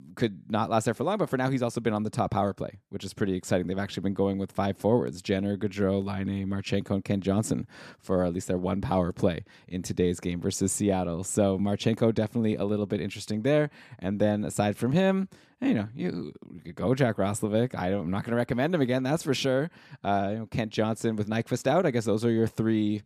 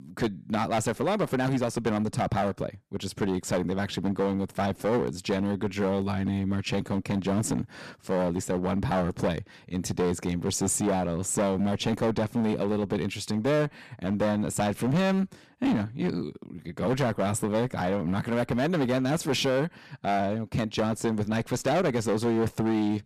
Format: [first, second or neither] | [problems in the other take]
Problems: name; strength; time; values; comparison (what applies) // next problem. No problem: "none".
first | distortion; heavy; 12% of the sound clipped